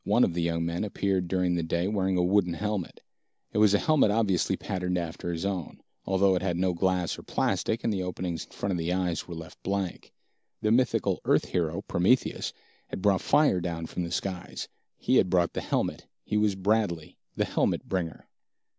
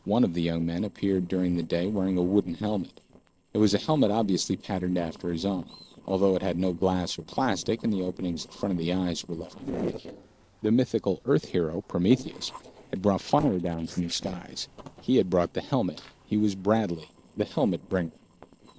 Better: first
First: none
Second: noise reduction (neural separator model SepFormer DNS4)

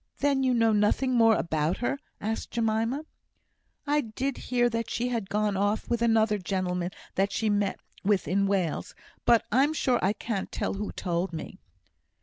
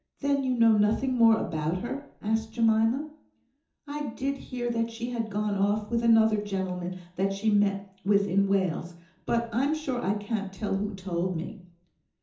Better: first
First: none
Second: room echo; dies away in 0.6 s

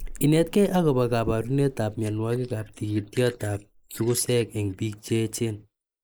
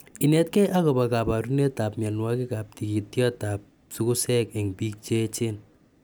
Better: second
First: noise reduction (neural mask model Resemble Enhance denoiser)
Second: none

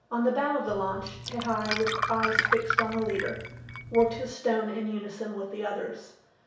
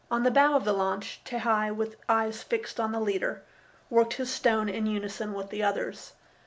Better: second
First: background sound (Glass); 2 dB below the speech // room echo; dies away in 0.6 s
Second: none

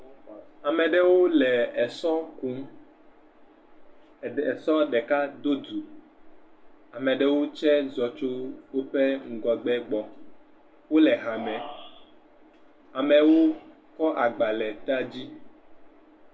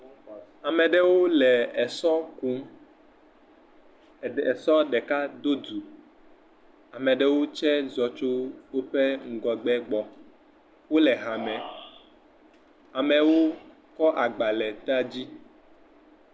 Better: second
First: room echo; dies away in 0.2 s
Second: none

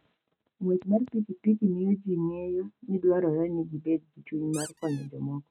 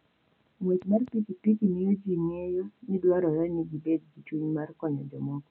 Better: second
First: noise reduction (neural mask model RNNoise)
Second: none

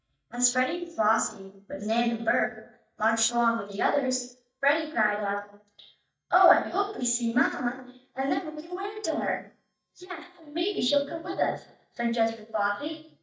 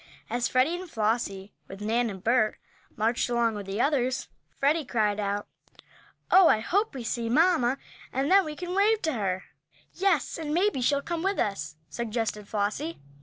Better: second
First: noise reduction (neural mask model DeepFilterNet 3)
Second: none

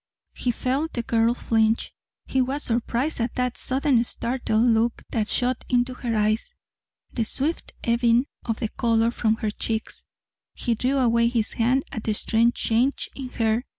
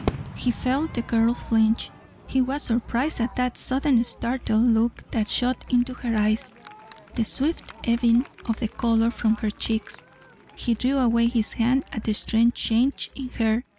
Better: first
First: none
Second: background sound (Crowd / Fireworks); 17 dB below the speech

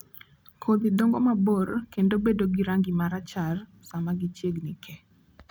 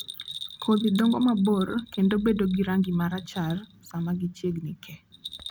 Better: first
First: none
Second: background sound (Bell); 17 dB below the speech

